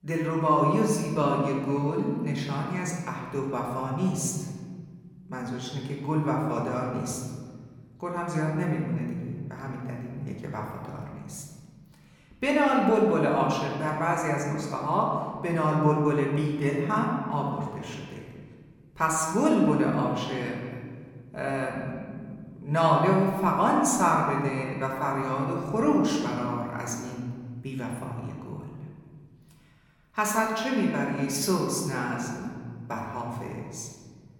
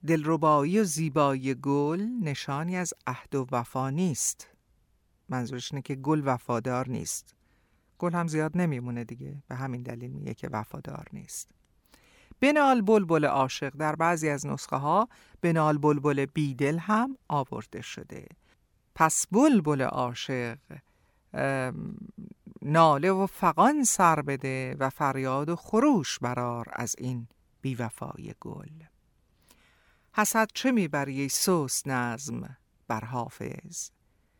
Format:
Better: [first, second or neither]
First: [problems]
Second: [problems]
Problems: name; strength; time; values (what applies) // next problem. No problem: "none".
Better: second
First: room echo; noticeable; dies away in 1.7 s // off-mic speech; somewhat distant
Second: none